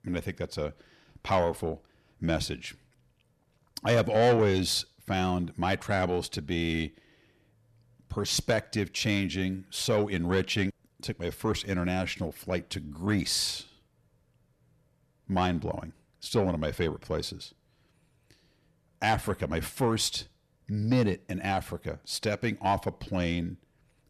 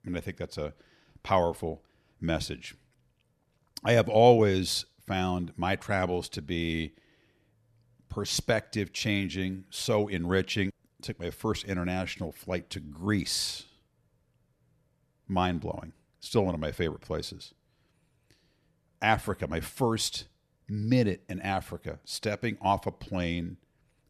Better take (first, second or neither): second